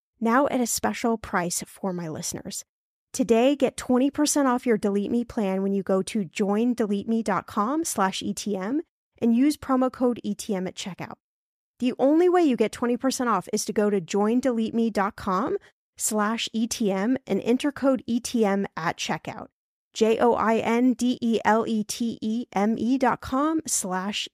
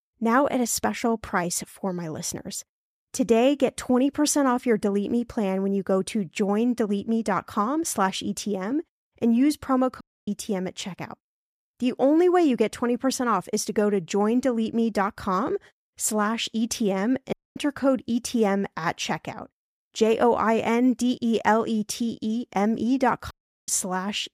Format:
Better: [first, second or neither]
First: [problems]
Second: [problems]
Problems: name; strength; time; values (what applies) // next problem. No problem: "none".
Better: first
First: none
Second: audio cutting out; at 10 s, at 17 s and at 23 s